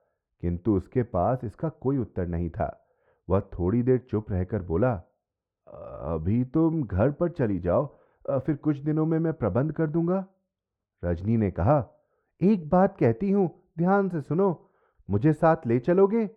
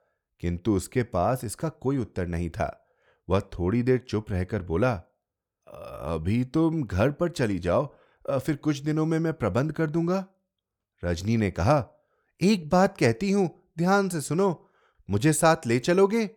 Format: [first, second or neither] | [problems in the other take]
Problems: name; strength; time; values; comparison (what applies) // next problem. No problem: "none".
second | muffled; very; fading above 3 kHz